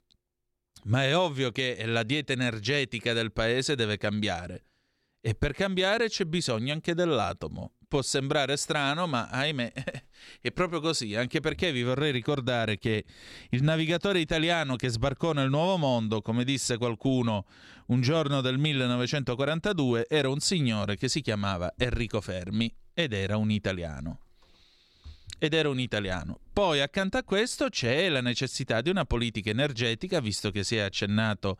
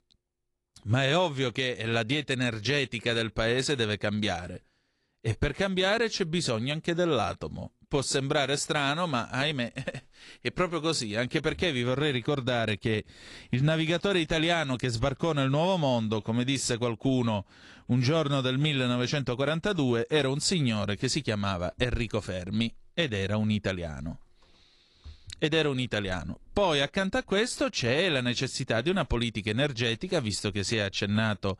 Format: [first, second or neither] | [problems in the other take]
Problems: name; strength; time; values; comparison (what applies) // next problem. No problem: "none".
first | garbled, watery; slightly